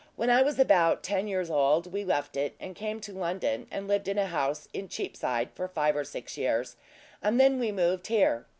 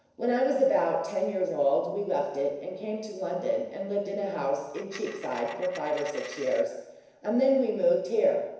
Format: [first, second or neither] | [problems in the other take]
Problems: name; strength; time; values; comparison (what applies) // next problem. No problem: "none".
first | noise reduction (neural separator model SepFormer DNS4)